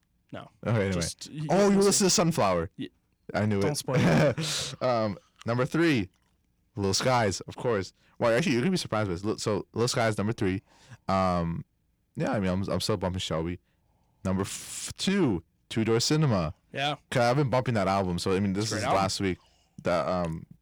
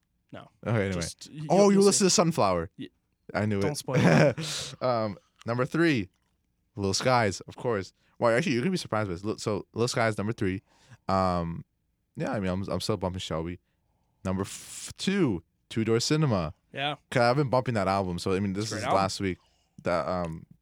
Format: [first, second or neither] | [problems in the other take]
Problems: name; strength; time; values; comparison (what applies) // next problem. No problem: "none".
second | distortion; slight; 10 dB below the speech